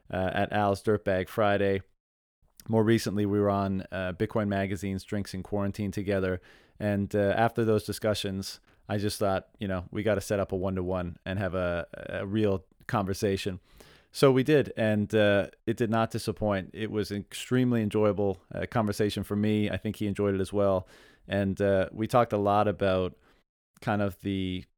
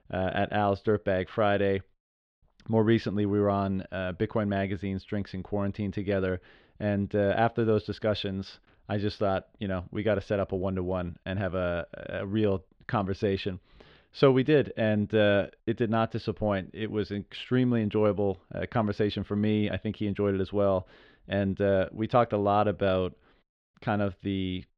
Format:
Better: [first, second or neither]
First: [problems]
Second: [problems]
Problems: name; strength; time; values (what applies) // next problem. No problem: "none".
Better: first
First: none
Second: muffled; very slightly; fading above 4 kHz